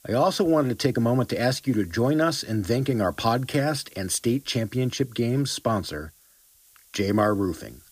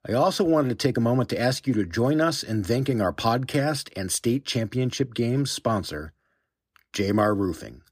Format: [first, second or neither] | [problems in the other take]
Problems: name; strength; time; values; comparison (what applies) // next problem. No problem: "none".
second | hiss; faint; throughout; 25 dB below the speech